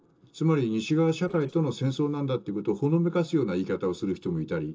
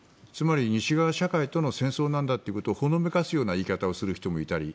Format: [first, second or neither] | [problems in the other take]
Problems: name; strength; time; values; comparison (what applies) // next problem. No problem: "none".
second | noise reduction (neural separator model SepFormer DNS4)